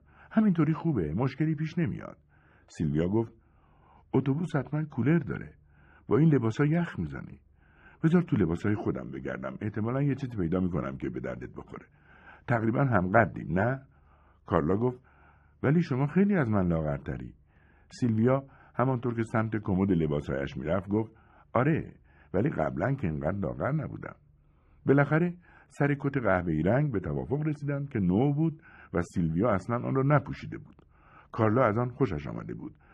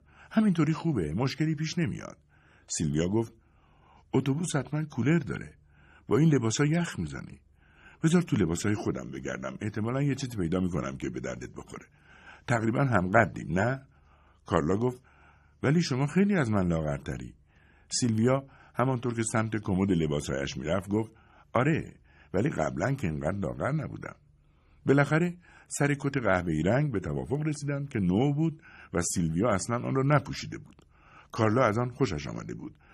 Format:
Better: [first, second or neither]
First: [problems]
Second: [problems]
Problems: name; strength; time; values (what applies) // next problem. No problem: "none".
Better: second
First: muffled; very; fading above 4 kHz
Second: none